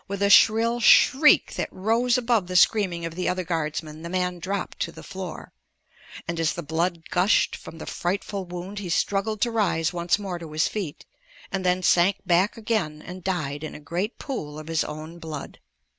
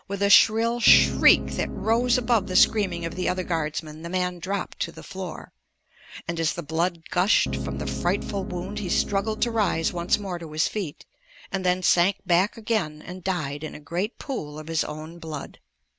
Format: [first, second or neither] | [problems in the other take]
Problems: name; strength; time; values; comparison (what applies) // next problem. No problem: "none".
first | background sound (Piano); 6 dB below the speech